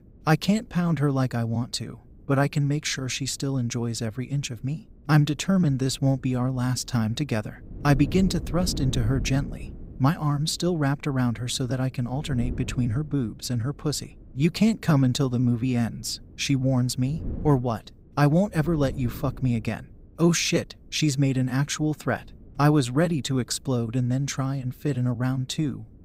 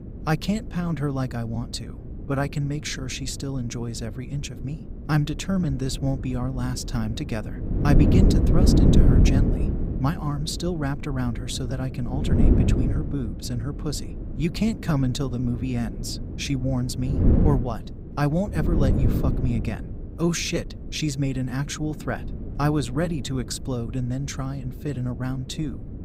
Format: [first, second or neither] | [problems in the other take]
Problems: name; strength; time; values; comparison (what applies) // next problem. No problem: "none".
first | wind noise on the microphone; heavy; 3 dB below the speech; occasional gusts in the first